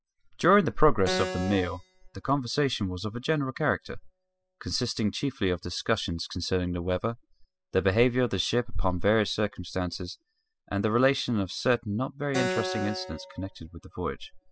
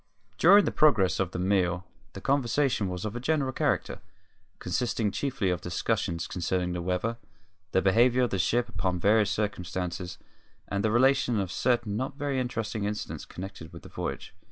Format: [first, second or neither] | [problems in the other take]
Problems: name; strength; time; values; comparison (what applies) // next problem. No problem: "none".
second | noise reduction (classical method spectral subtraction)